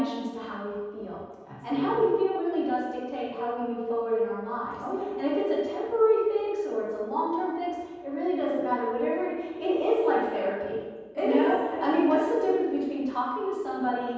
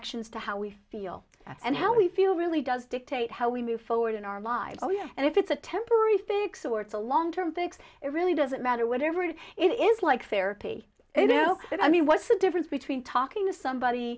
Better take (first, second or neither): second